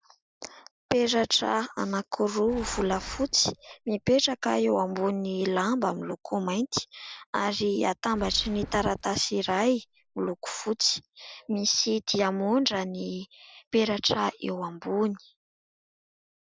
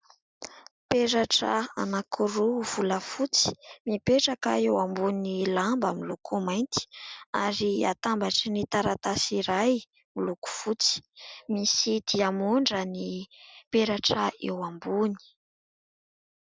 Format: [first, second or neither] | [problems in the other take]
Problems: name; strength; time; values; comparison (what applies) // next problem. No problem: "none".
second | background sound (Boom); 18 dB below the speech